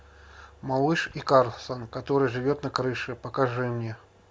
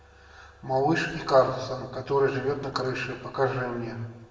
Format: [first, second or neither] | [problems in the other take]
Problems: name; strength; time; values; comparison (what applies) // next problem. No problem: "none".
first | room echo; dies away in 1 s